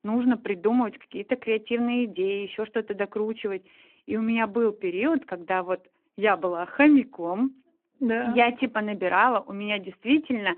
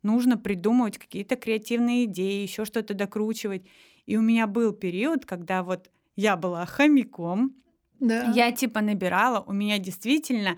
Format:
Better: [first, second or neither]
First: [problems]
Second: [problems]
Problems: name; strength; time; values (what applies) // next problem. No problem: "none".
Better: second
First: phone-call audio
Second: none